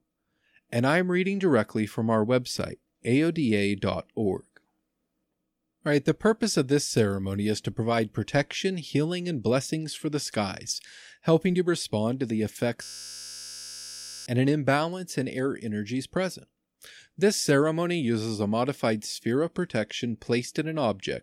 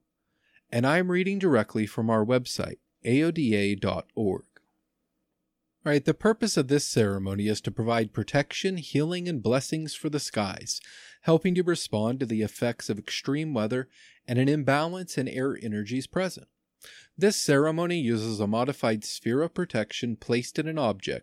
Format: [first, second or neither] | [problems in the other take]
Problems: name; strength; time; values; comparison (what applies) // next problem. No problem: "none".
second | audio freezing; at 13 s for 1.5 s